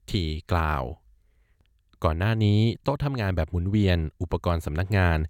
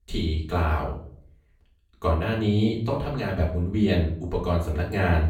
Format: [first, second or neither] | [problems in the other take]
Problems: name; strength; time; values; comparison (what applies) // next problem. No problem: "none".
first | off-mic speech; far // room echo; slight; dies away in 0.4 s